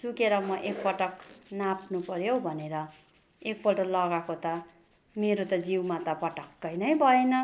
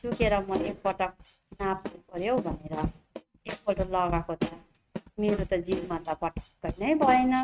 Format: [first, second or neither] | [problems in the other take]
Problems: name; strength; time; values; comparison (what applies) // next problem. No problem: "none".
first | noise reduction (neural mask model RNNoise)